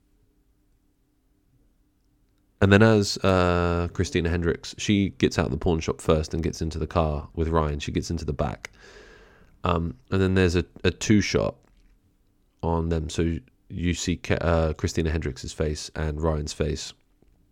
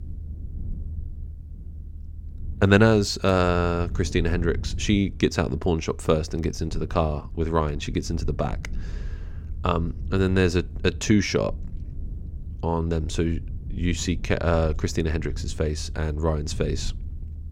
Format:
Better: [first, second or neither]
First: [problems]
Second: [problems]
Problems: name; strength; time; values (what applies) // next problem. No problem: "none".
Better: first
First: none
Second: low rumble; faint; throughout; 25 dB below the speech